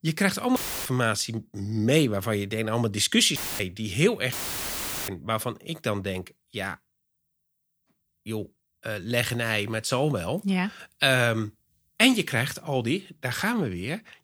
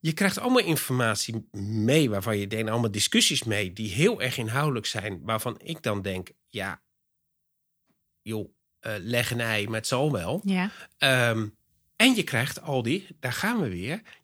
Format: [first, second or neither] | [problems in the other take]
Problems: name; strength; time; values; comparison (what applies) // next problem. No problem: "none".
second | audio cutting out; filled with static; at 0.5 s, at 3.5 s and at 4.5 s for 1 s